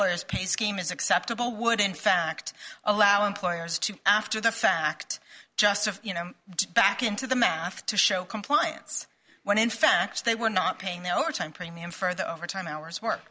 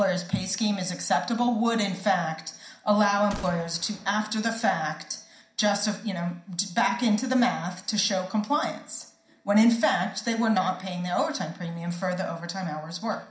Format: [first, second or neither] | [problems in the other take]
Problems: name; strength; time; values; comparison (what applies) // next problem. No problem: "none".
first | background sound (Gunshot, gunfire); 19 dB below the speech // room echo; dies away in 0.5 s